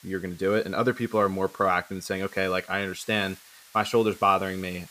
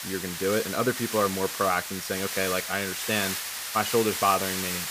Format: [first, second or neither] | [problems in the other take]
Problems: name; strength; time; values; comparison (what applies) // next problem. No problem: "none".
first | hiss; loud; throughout; 3 dB below the speech; faint in the first